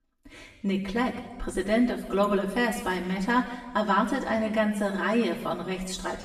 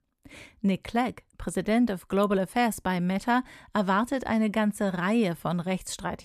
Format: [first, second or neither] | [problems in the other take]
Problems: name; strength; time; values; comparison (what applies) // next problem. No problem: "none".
second | room echo; noticeable; dies away in 1 s // off-mic speech; far